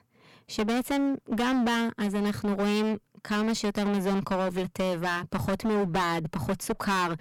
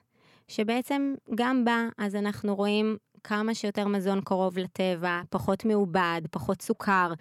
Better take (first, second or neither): second